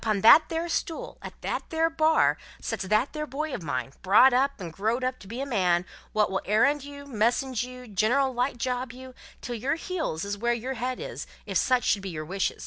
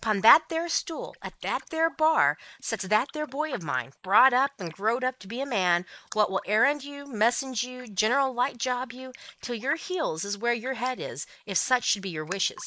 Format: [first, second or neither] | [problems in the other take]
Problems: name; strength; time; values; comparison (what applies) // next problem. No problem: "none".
first | noise reduction (neural mask model Resemble Enhance denoiser)